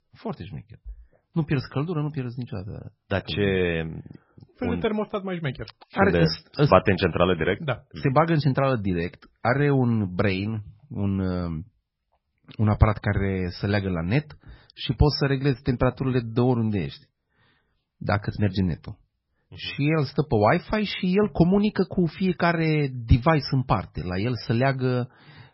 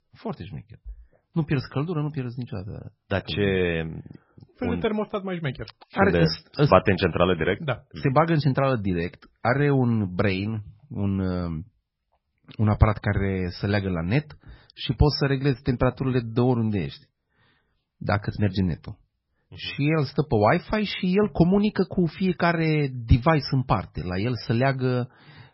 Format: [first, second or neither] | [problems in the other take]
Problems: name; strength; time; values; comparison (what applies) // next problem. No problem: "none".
neither | garbled, watery; badly; nothing above 5.5 kHz; the same in both